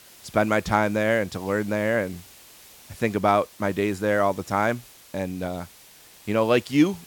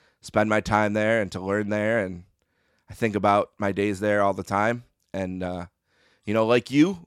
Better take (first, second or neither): second